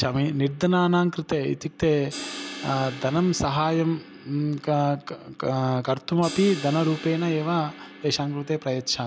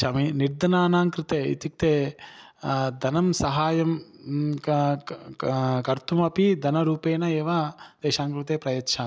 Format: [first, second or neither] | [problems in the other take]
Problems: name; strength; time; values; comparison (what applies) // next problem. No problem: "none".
second | background sound (Crash cymbal); 16 dB below the speech